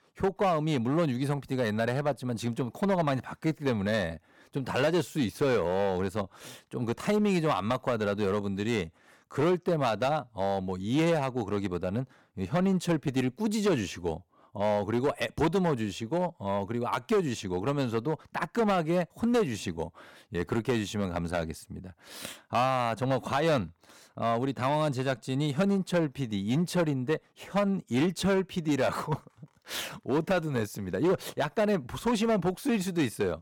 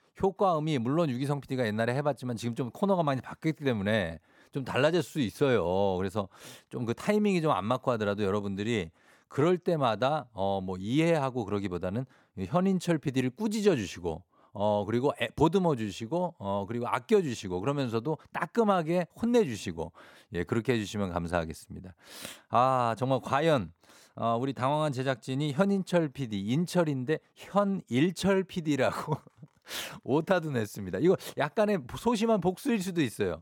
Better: second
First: distortion; slight; 6% of the sound clipped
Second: none

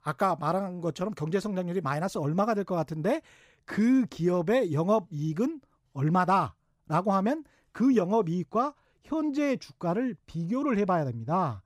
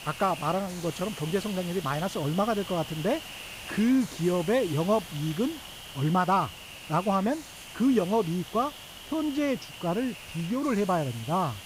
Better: first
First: none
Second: hiss; noticeable; throughout; 10 dB below the speech

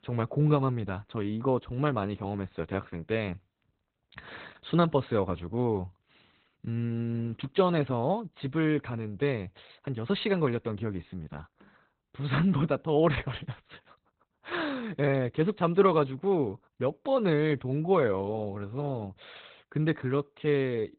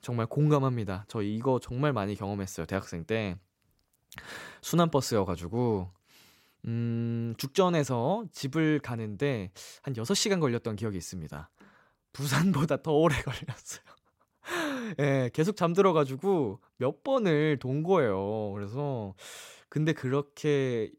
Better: second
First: garbled, watery; badly; nothing above 4 kHz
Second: none

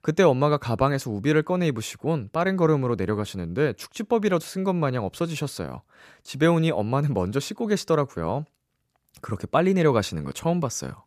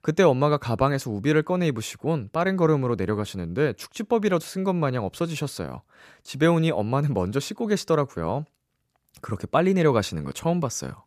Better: neither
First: none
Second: none

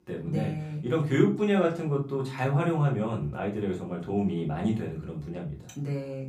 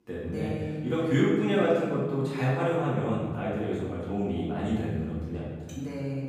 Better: first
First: room echo; slight; dies away in 0.3 s // off-mic speech; far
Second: room echo; strong; dies away in 1.4 s // off-mic speech; far

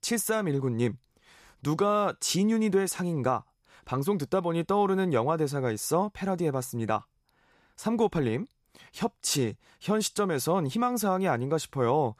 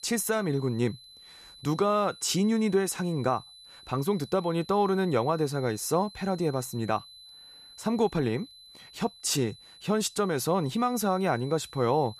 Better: first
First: none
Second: high-pitched whine; noticeable; throughout; 4 kHz, 20 dB below the speech

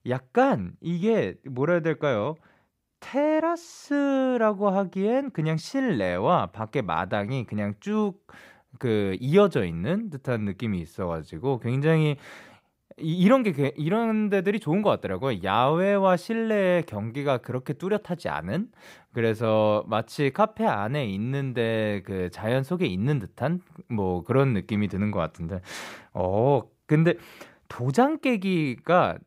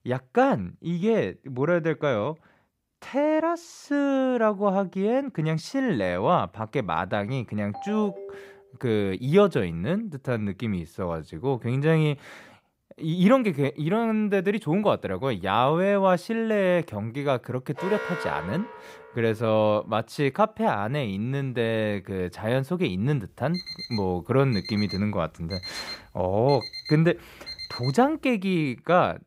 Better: first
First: none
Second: phone ringing; faint; at 7.5 s; peak 15 dB below the speech // alarm; noticeable; from 18 to 19 s and from 24 to 28 s; peak 6 dB below the speech

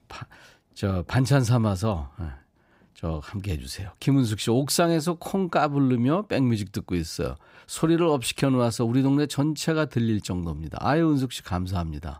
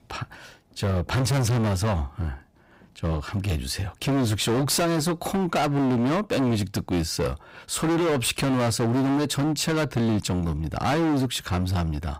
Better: first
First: none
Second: distortion; heavy; 25% of the sound clipped

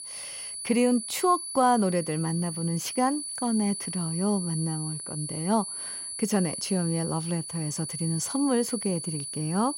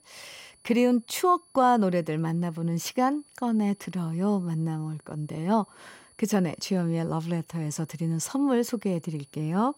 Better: second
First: high-pitched whine; loud; throughout; 10 kHz, 5 dB below the speech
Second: high-pitched whine; faint; throughout; 10 kHz, 30 dB below the speech

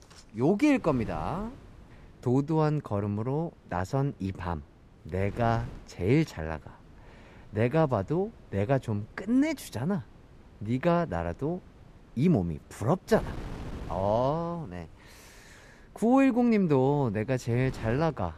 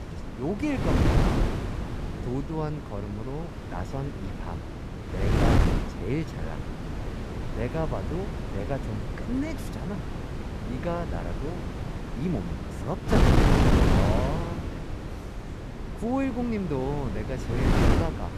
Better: first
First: wind noise on the microphone; occasional gusts; 25 dB below the speech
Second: wind noise on the microphone; heavy; 1 dB above the speech

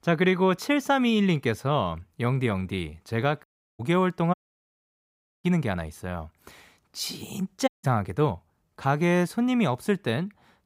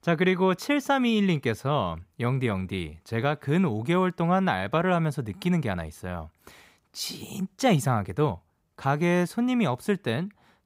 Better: second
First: audio cutting out; at 3.5 s, at 4.5 s for 1 s and at 7.5 s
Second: none

